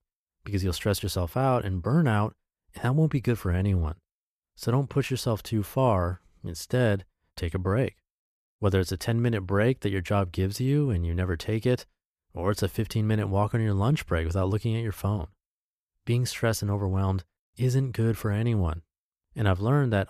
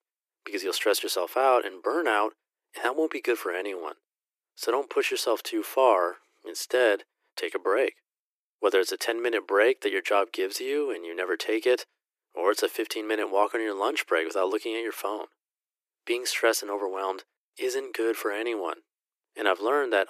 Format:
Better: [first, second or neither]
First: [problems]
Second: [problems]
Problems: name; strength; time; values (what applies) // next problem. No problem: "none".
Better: first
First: none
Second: thin; very; fading below 300 Hz